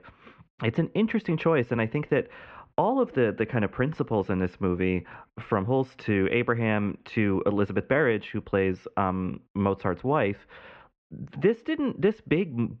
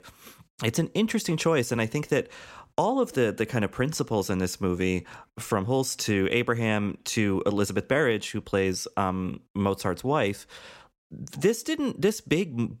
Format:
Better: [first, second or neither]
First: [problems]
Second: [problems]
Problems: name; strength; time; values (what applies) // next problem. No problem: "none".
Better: second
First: muffled; very; fading above 2.5 kHz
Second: none